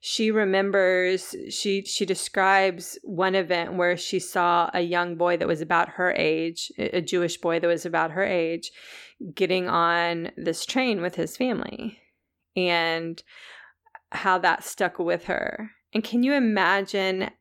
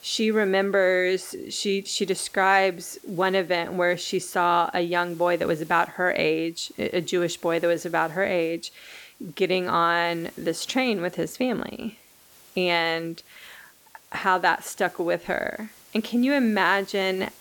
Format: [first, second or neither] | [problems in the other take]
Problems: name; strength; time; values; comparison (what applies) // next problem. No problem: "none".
first | hiss; faint; throughout; 25 dB below the speech